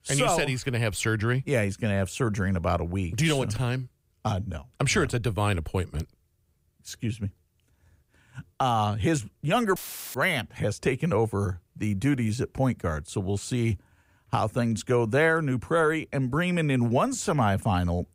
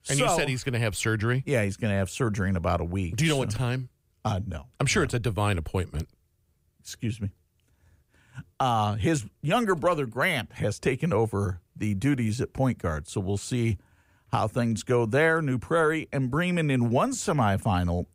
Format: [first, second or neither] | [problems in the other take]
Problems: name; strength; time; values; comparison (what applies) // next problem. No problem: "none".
second | audio cutting out; filled with static; at 10 s